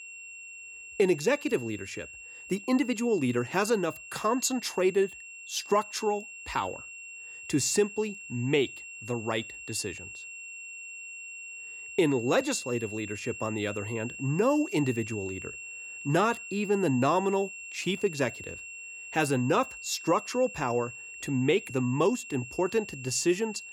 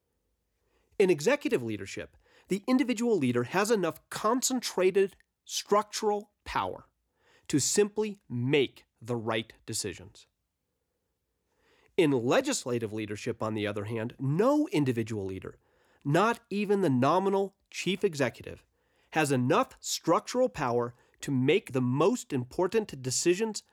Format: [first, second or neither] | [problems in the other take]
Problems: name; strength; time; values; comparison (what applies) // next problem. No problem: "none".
second | high-pitched whine; noticeable; throughout; 2.5 kHz, 10 dB below the speech